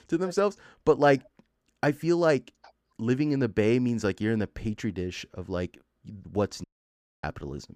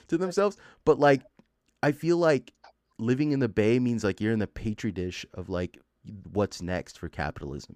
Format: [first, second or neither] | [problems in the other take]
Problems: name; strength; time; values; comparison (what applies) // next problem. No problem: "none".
second | audio cutting out; at 6.5 s for 0.5 s